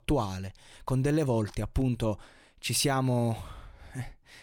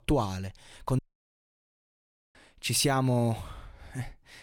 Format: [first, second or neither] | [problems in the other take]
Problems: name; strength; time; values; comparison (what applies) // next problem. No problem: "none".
first | audio cutting out; at 1 s for 1.5 s